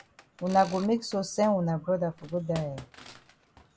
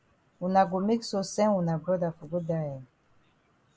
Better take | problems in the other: second | background sound (Tools + Computer keyboard); 20 dB below the speech

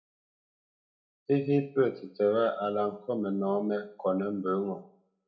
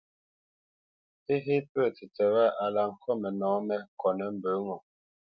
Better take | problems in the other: second | room echo; dies away in 0.3 s

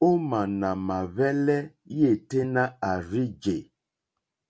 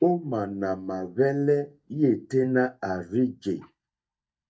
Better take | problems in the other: first | noise reduction (neural mask model DeepFilterNet 3)

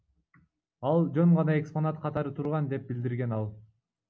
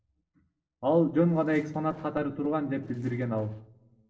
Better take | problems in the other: first | noise reduction (neural separator model SepFormer DNS4)

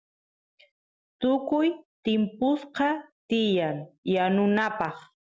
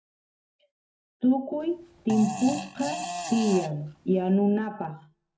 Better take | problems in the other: first | background sound (Fart); 9 dB below the speech // room echo; dies away in 0.3 s

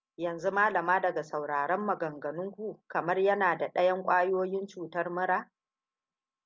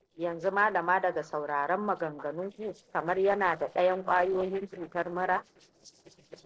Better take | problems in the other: first | noise reduction (neural separator model SepFormer DNS4)

